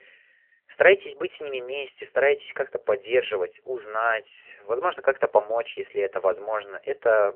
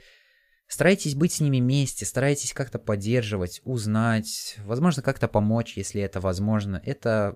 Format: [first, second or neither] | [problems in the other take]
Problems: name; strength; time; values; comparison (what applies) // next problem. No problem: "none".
second | phone-call audio; nothing above 3 kHz